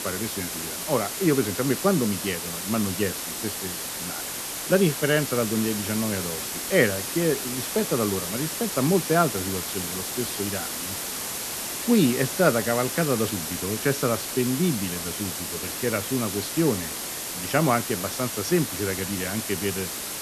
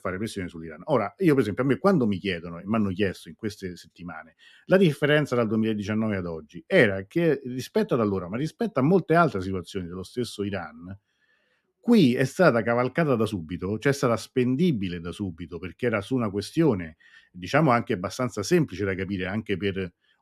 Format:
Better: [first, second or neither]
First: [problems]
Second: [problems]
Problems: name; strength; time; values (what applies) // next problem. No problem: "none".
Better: second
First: hiss; loud; throughout; 3 dB below the speech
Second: none